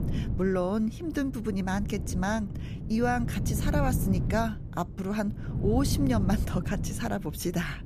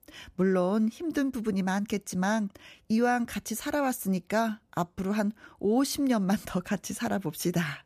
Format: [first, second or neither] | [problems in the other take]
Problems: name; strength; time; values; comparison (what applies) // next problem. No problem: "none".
second | wind noise on the microphone; occasional gusts; 10 dB below the speech